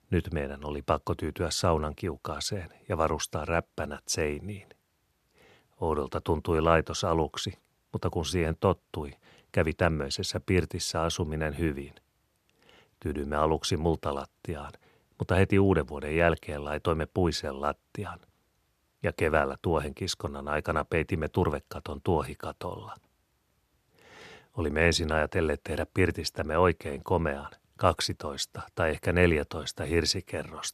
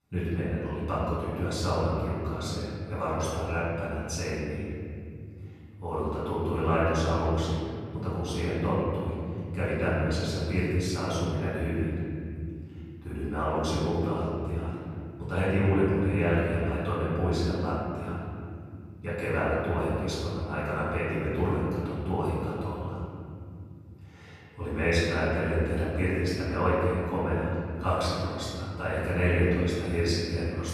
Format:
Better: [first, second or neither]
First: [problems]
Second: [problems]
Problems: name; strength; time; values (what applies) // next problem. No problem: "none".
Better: first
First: none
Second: off-mic speech; far // room echo; strong; dies away in 3 s